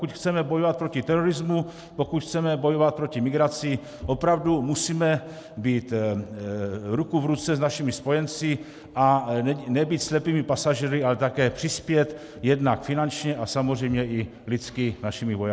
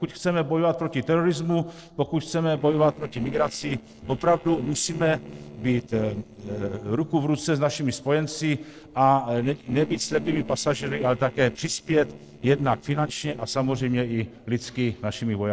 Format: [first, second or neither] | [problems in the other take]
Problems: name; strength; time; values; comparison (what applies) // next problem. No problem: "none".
first | noise reduction (neural separator model SepFormer DNS4)